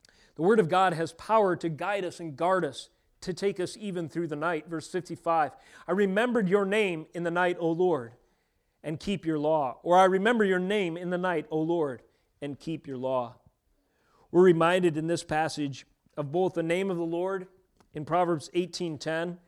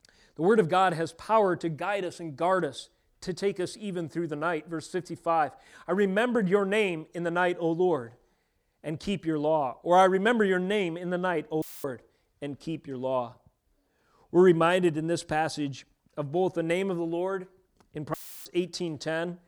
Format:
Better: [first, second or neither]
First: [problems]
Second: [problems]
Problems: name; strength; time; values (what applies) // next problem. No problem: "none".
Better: first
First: none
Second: audio cutting out; filled with static; at 12 s and at 18 s